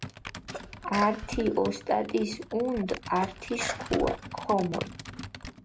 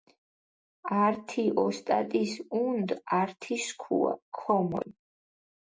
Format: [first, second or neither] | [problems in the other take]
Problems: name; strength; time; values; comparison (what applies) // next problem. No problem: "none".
second | background sound (Sneeze + Computer keyboard); 9 dB below the speech